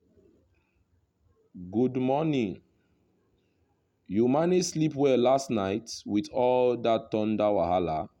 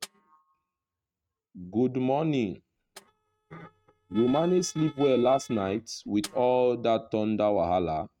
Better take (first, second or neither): first